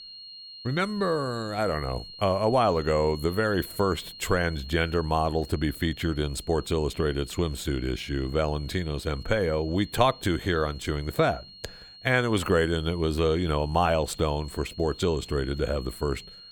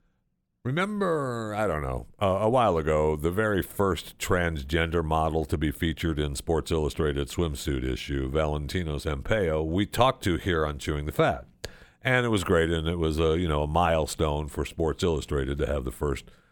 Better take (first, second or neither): second